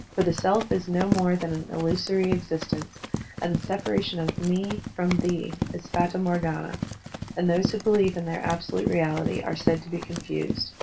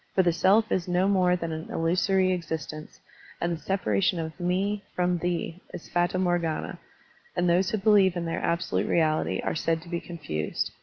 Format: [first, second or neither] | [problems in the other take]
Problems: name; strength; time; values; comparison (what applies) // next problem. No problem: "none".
second | background sound (Run); 6 dB below the speech // room echo; dies away in 0.2 s